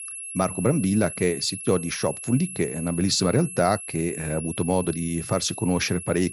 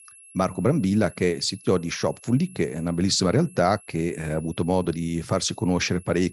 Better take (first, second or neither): second